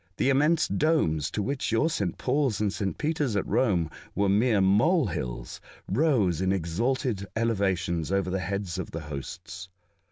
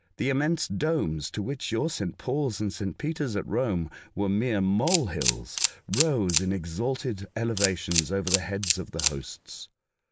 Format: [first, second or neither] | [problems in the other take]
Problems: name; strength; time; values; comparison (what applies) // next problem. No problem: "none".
first | noise reduction (neural mask model Resemble Enhance denoiser)